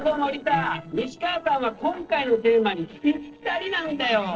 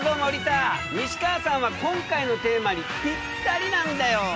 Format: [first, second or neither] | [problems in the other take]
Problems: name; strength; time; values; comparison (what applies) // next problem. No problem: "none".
second | noise reduction (neural separator model SepFormer DNS4)